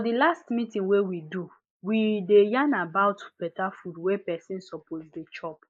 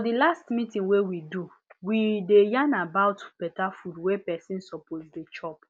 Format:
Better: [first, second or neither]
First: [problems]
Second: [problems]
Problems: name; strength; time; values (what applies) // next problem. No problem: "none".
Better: second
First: noise reduction (neural mask model Resemble Enhance denoiser)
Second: none